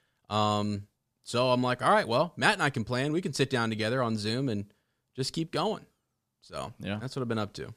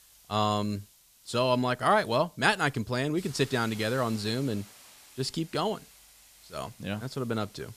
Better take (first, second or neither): first